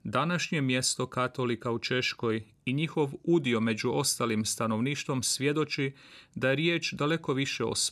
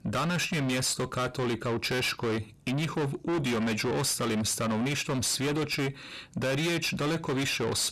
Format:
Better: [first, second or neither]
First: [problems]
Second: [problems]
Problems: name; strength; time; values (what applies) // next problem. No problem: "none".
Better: first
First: none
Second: distortion; heavy; 6 dB below the speech